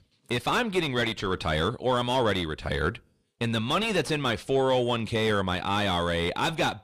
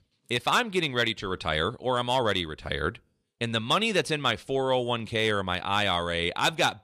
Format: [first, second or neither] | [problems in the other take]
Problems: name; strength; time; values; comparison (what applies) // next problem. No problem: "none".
second | distortion; heavy; 7 dB below the speech